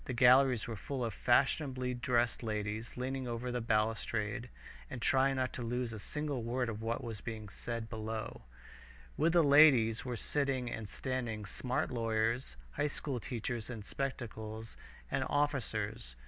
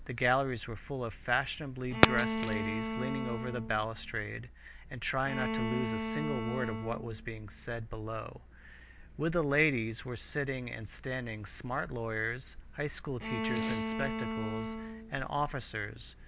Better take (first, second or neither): first